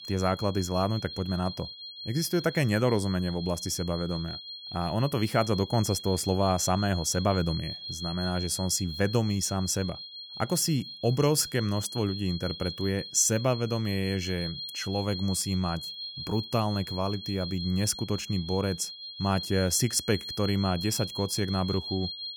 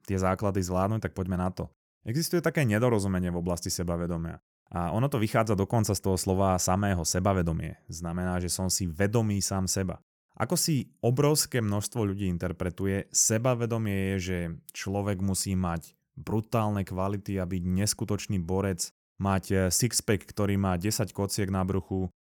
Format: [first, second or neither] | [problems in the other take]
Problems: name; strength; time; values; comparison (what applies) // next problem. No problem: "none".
second | high-pitched whine; loud; throughout; 4 kHz, 9 dB below the speech